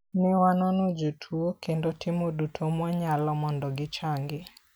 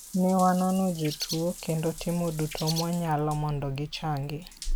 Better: first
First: none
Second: background sound (Bird + Drip / Trickle, dribble / Bathtub (filling or washing) / Water tap, faucet); 10 dB below the speech

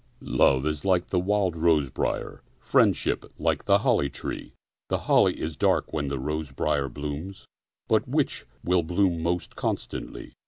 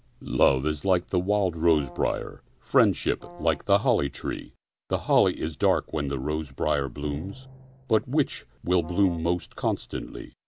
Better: first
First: none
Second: background sound (Drum + Brass instrument); 19 dB below the speech

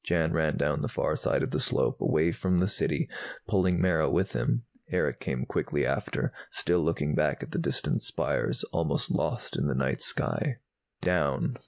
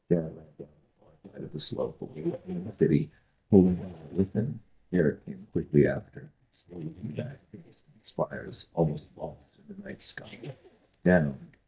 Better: first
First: none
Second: noise reduction (neural mask model DeepFilterNet 3)

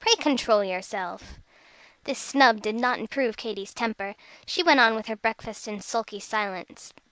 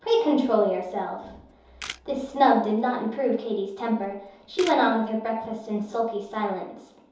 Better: first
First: none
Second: background sound (Camera); 17 dB below the speech // room echo; dies away in 2.8 s

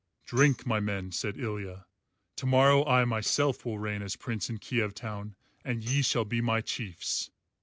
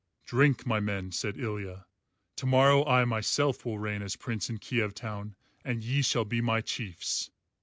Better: second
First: background sound (Tambourine); 17 dB below the speech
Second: none

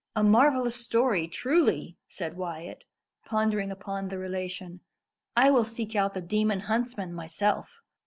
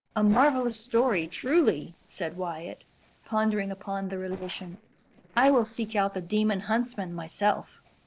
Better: first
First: none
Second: noise reduction (neural separator model SepFormer DNS4)

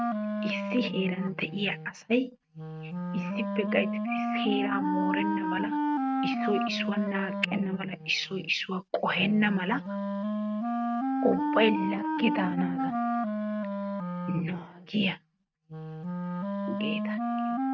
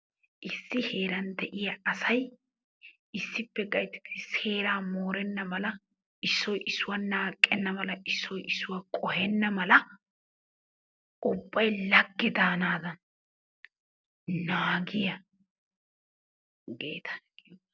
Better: second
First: noise reduction (neural mask model RNNoise)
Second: none

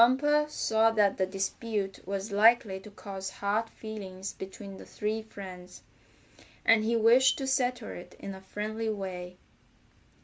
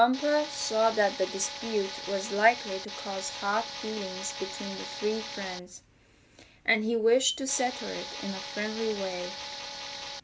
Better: first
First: none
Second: background sound (Tools); 9 dB below the speech

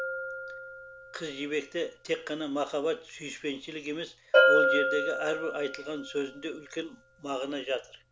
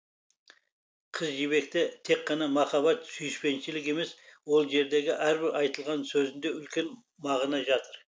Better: second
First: background sound (Bell); 3 dB above the speech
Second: none

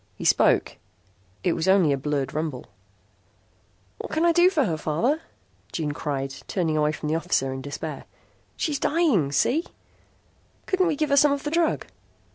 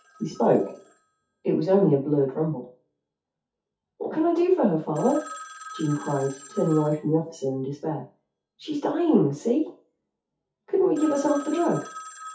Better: first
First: none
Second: noise reduction (classical method WPE with log-MMSE)

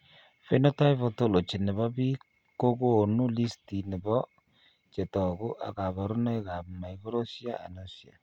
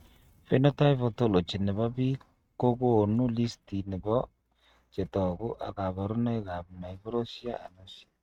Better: first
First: none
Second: noise reduction (neural mask model RNNoise)

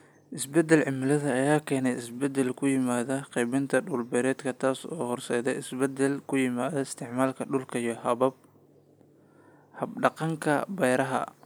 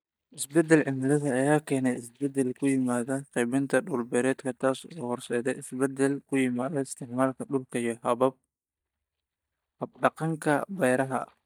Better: first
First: none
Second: noise reduction (neural mask model DeepFilterNet 3)

